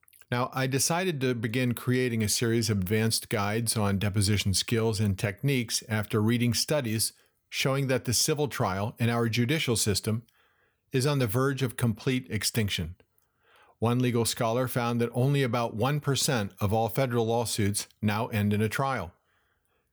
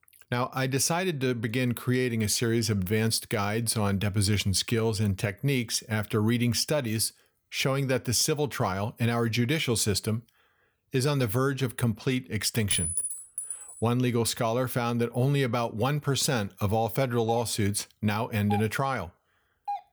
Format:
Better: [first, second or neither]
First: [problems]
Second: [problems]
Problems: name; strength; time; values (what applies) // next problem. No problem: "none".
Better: first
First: none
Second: clattering dishes; loud; at 13 s; peak 1 dB above the speech // doorbell; noticeable; from 17 s on; peak 9 dB below the speech